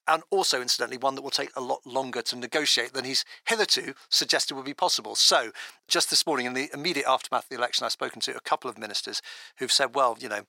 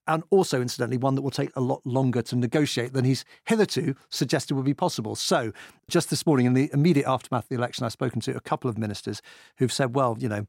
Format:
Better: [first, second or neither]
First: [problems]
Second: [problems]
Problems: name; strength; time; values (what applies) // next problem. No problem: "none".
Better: second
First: thin; very; fading below 650 Hz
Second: none